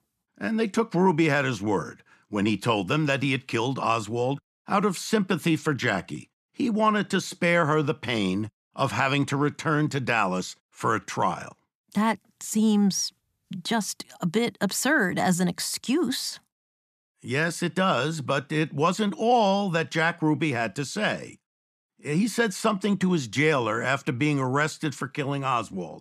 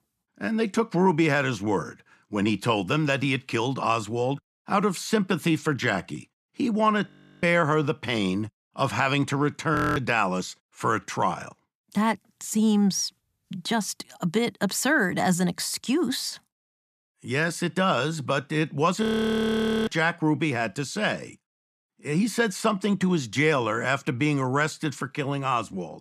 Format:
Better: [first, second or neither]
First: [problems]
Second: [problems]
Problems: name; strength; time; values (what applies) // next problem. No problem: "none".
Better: first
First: none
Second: audio freezing; at 7 s, at 10 s and at 19 s for 1 s